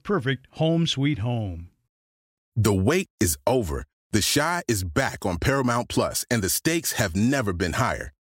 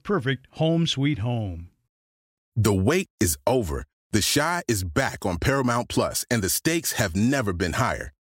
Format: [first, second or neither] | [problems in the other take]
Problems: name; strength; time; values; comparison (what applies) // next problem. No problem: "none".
neither | none